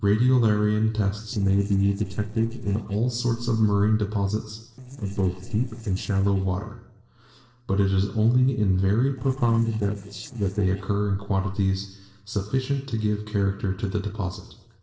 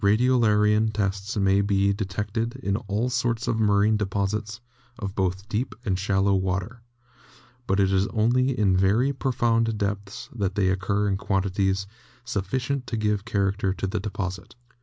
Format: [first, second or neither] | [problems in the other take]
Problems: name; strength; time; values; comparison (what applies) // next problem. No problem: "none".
second | noise reduction (neural separator model SepFormer DNS4)